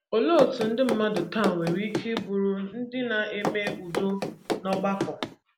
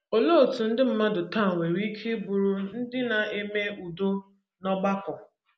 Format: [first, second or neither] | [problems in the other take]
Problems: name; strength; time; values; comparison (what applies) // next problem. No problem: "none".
second | background sound (Run); 5 dB below the speech